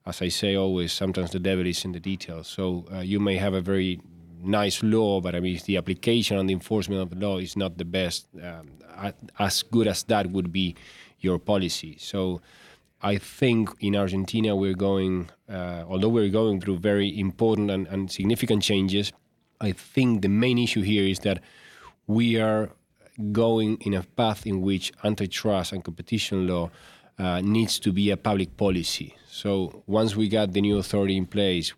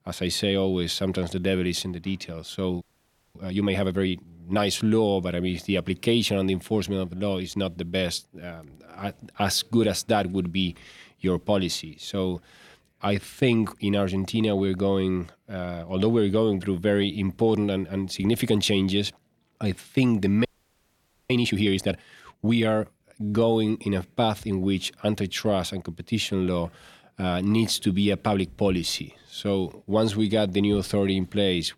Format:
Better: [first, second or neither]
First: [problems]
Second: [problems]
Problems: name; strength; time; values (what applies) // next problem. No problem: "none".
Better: first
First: none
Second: audio freezing; at 3 s for 0.5 s and at 20 s for 1 s